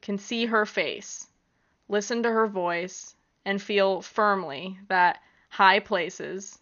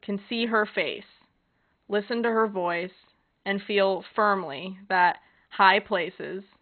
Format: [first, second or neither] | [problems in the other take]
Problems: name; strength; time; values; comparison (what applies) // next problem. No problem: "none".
first | garbled, watery; badly; nothing above 4 kHz; slightly in the first